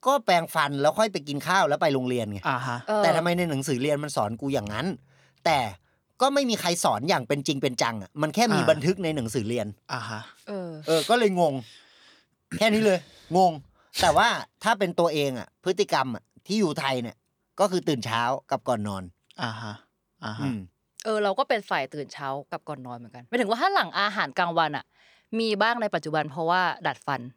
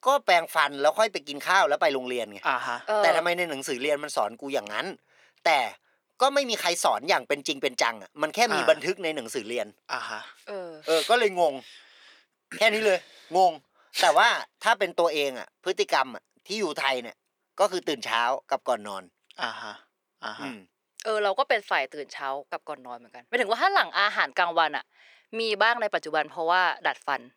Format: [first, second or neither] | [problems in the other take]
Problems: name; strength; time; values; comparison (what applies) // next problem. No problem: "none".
first | thin; somewhat; fading below 450 Hz